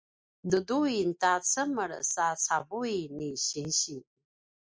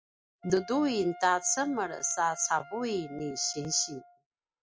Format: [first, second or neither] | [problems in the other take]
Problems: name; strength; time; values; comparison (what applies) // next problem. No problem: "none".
first | background sound (Wind instrument, woodwind instrument); 18 dB below the speech